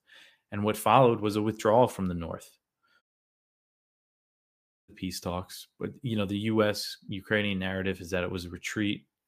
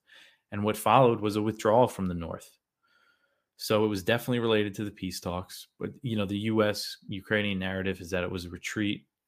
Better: second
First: audio cutting out; at 3 s for 2 s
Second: none

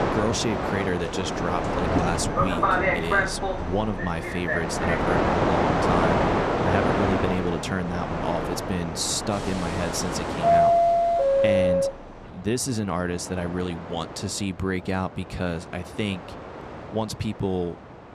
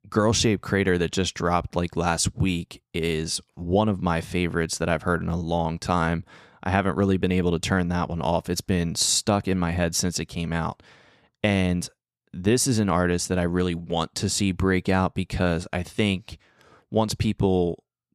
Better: second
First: train or aircraft noise; very loud; throughout; 5 dB above the speech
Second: none

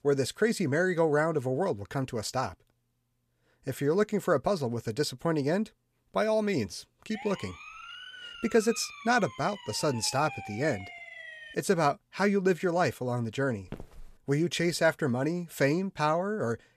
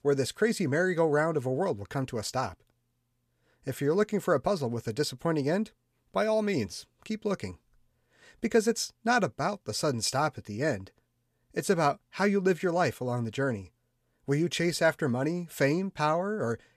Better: second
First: siren; faint; from 7 to 12 s; peak 10 dB below the speech // footsteps; faint; at 14 s; peak 15 dB below the speech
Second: none

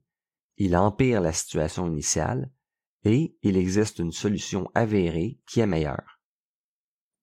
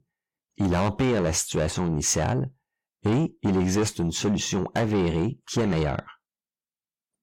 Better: first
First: none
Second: distortion; heavy; 7 dB below the speech

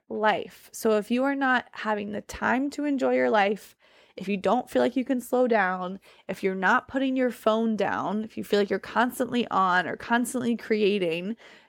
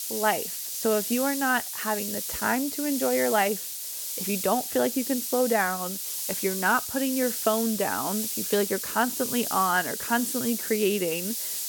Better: first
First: none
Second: hiss; loud; throughout; 3 dB below the speech

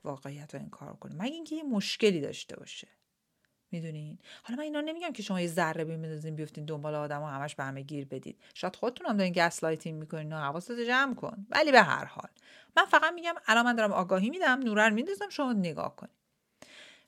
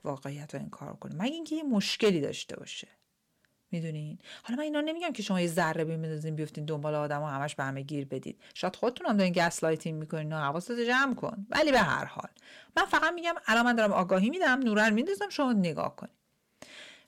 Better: first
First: none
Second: distortion; heavy; 8 dB below the speech

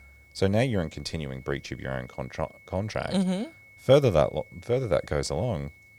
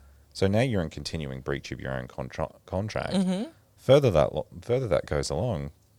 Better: second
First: high-pitched whine; faint; throughout; 2 kHz, 25 dB below the speech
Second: none

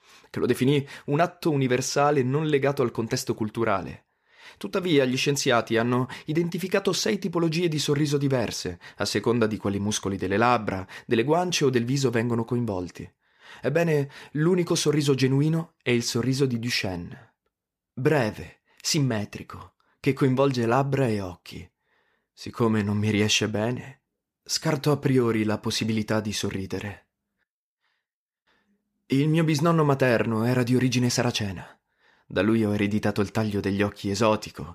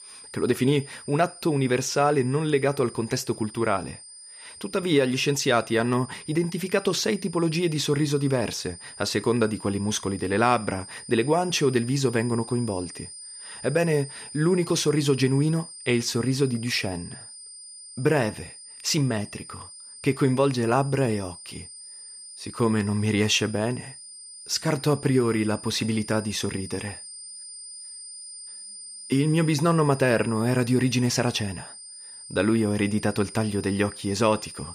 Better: first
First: none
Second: high-pitched whine; noticeable; throughout; 9 kHz, 15 dB below the speech

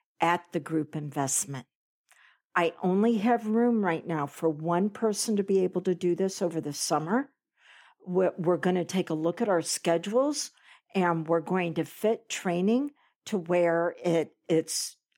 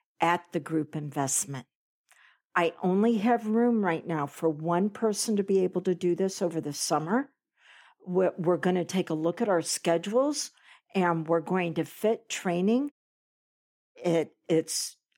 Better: first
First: none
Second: audio cutting out; at 13 s for 1 s

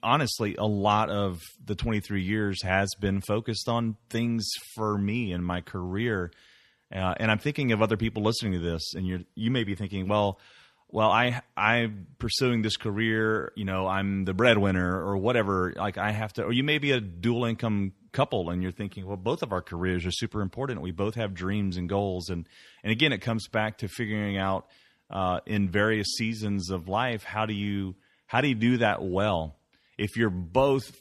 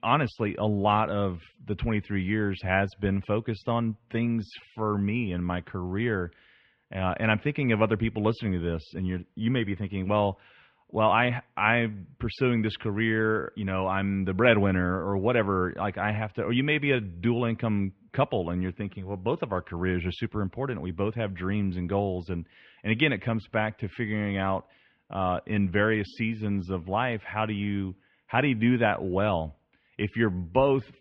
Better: first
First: none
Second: muffled; very; fading above 2.5 kHz

